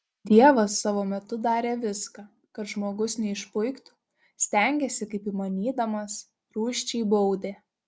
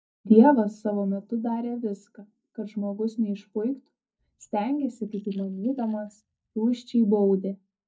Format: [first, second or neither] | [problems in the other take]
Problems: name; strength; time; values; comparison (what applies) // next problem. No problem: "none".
first | noise reduction (neural mask model DeepFilterNet 3)